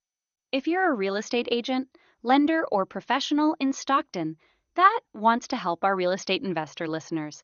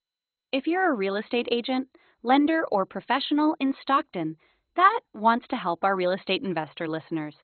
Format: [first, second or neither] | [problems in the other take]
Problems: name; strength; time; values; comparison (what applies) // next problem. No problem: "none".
first | garbled, watery; badly; nothing above 4 kHz; slightly in the first